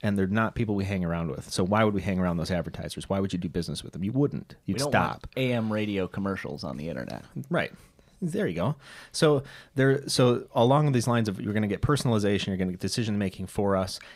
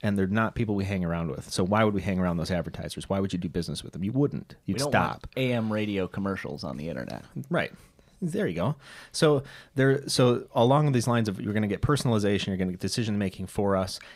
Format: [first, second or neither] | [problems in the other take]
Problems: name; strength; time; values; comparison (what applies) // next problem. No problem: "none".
neither | none